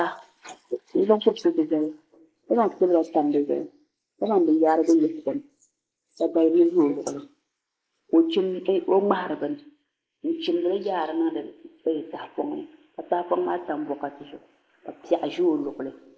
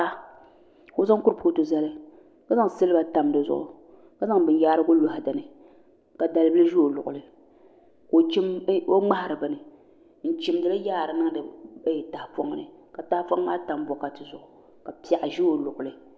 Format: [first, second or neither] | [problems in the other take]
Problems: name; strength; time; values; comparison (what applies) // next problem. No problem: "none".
second | noise reduction (neural mask model Resemble Enhance denoiser)